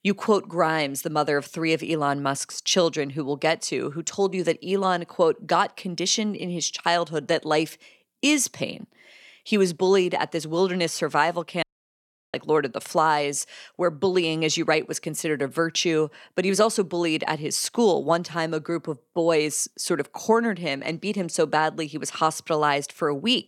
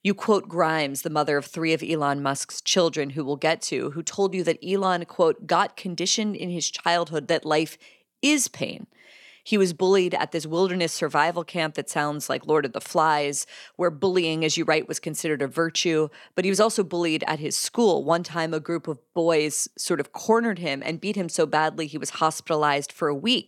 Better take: second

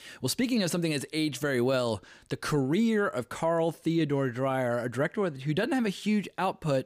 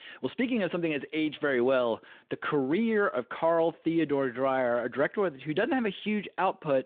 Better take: first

